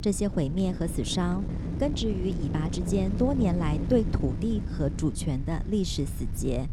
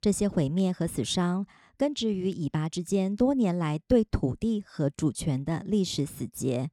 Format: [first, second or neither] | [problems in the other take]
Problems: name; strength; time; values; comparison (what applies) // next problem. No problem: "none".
second | wind noise on the microphone; heavy; 9 dB below the speech